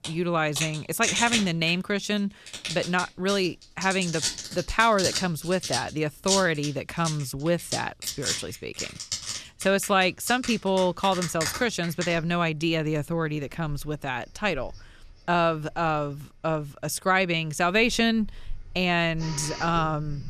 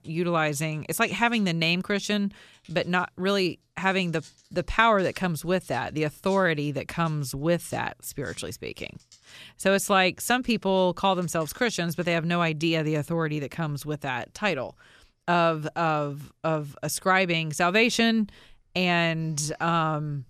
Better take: second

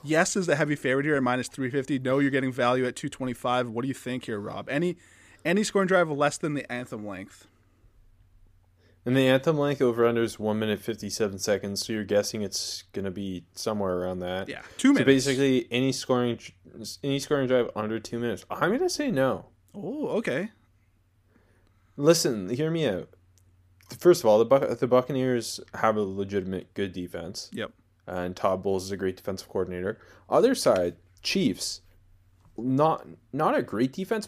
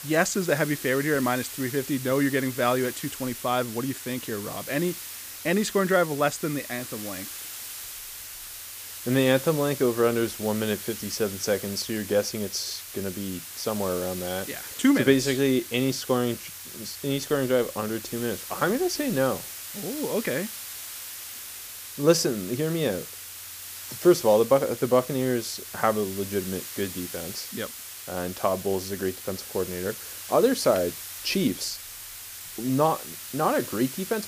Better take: first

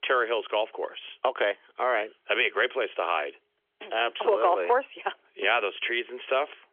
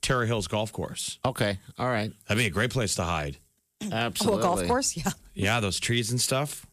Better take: second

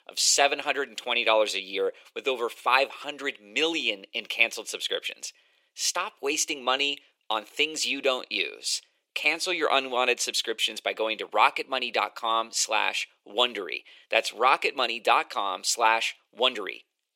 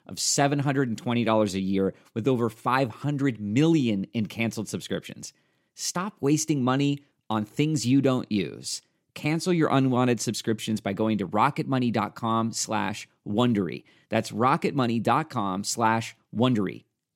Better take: second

